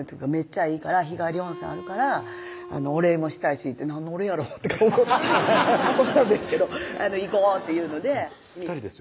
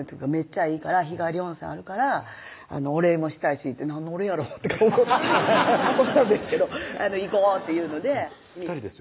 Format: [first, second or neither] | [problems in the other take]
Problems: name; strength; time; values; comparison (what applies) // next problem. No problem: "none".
second | background sound (Wind instrument, woodwind instrument); 18 dB below the speech